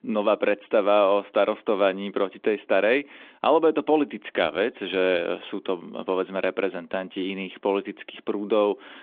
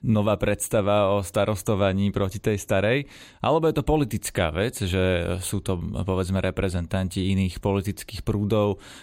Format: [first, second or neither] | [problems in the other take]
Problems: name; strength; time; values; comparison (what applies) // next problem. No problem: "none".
second | phone-call audio; nothing above 3.5 kHz